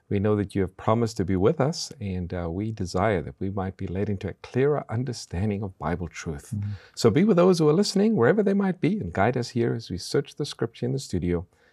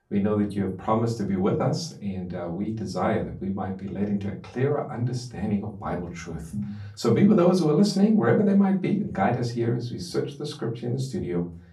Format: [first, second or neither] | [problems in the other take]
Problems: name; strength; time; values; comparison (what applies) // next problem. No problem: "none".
first | off-mic speech; far // room echo; very slight; dies away in 0.3 s